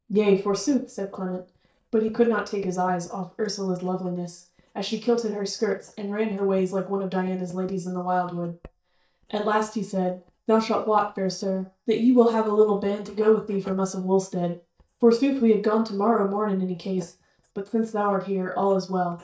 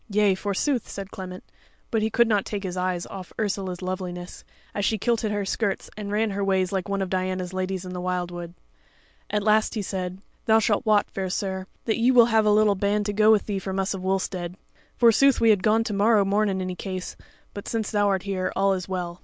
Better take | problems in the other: second | noise reduction (neural mask model DeepFilterNet 3)

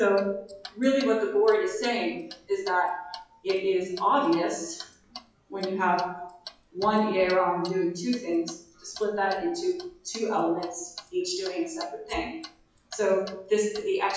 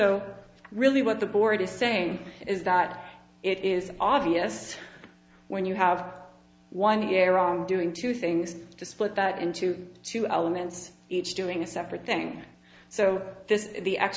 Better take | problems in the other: second | noise reduction (classical method WPE with log-MMSE)

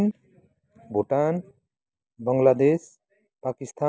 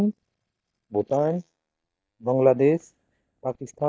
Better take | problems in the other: first | noise reduction (neural mask model DeepFilterNet 3)

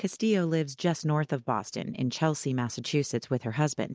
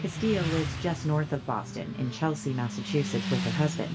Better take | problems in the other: first | background sound (Motorcycle); 5 dB below the speech // room echo; dies away in 0.2 s

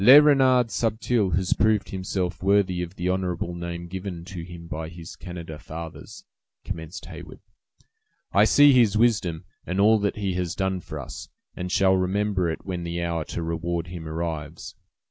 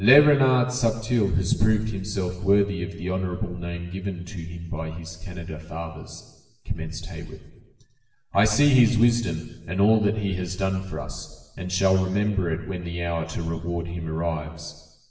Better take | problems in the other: first | room echo; dies away in 1.1 s

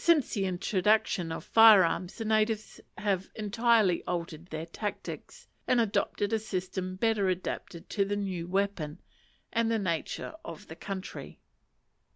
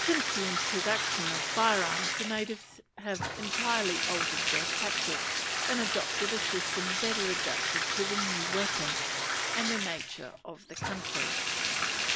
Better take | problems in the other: first | background sound (Bathtub (filling or washing)); 4 dB above the speech

